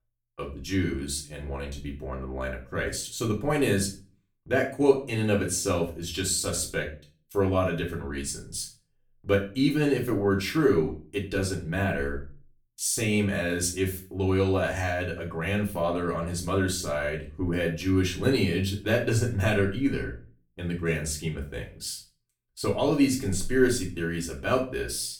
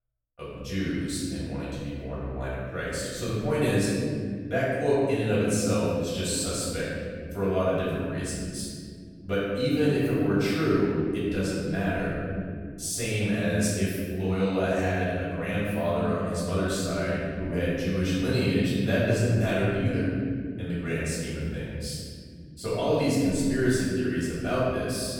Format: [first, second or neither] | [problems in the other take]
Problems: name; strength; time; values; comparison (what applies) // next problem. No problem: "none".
first | room echo; strong; dies away in 2.5 s; slight in the first // off-mic speech; far; far in the first